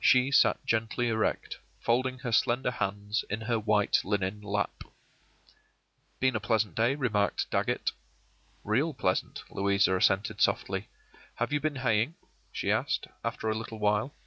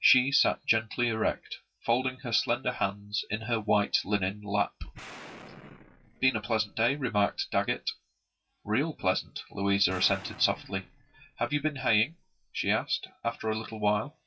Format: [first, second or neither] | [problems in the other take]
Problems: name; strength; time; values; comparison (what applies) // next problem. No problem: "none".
first | noise reduction (classical method WPE with log-MMSE)